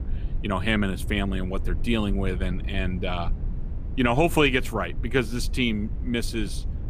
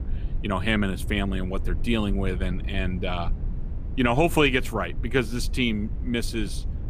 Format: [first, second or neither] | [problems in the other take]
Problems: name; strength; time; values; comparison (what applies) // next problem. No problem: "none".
neither | low rumble; faint; throughout; 20 dB below the speech; the same in both